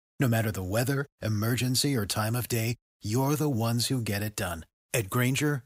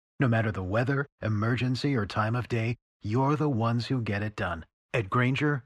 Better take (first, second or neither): first